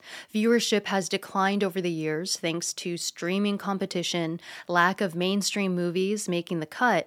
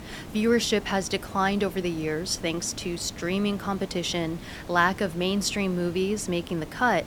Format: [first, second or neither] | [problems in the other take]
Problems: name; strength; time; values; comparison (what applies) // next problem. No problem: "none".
first | hiss; noticeable; throughout; 15 dB below the speech